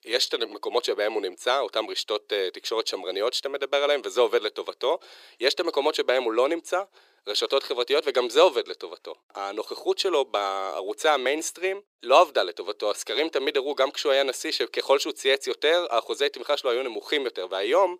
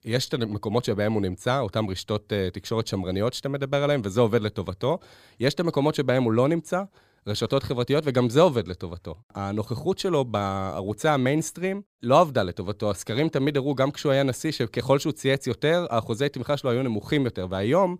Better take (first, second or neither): second